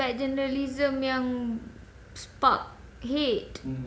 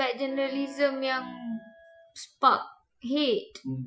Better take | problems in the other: first | noise reduction (classical method Wiener filter)

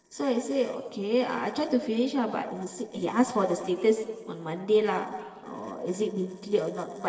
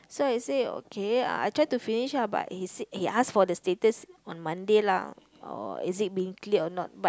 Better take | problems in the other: second | noise reduction (neural separator model SepFormer DNS4)

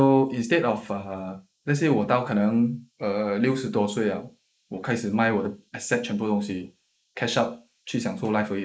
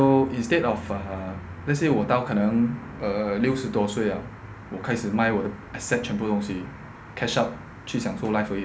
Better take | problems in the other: second | noise reduction (neural mask model Resemble Enhance denoiser)

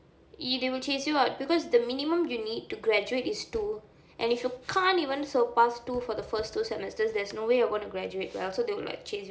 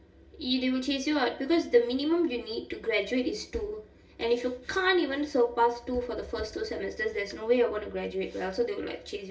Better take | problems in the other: first | room echo; dies away in 0.1 s

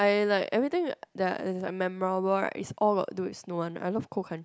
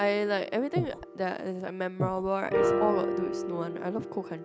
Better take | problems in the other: first | background sound (Breathing + Piano); 1 dB below the speech

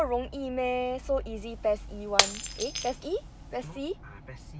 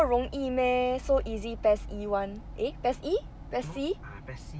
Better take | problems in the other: second | background sound (Shatter); 2 dB below the speech

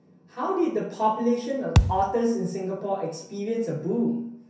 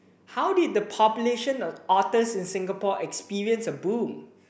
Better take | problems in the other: second | background sound (Thump, thud); 3 dB above the speech // room echo; dies away in 0.6 s

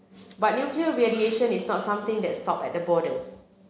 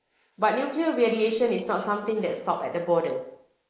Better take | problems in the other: first | noise reduction (neural mask model Resemble Enhance denoiser)

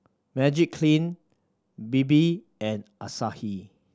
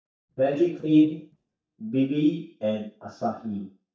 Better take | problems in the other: first | noise reduction (neural mask model DeepFilterNet 3)

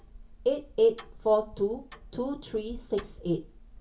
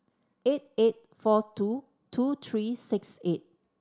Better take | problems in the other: second | background sound (Tick-tock); 18 dB below the speech // room echo; dies away in 0.2 s

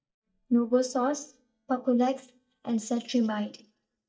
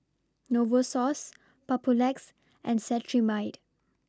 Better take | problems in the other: second | noise reduction (neural mask model DeepFilterNet 3)

